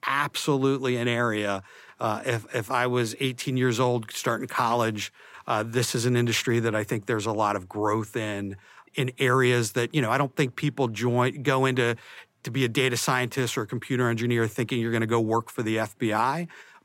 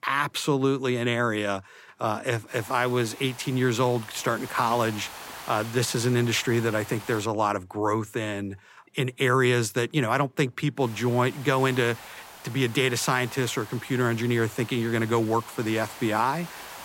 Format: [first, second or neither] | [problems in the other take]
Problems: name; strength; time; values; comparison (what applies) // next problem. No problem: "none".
first | hiss; noticeable; from 2.5 to 7 s and from 11 s on; 15 dB below the speech